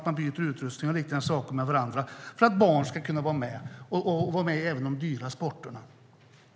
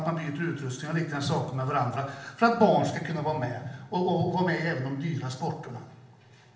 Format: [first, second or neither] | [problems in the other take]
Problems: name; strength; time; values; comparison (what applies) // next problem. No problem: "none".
first | room echo; dies away in 0.8 s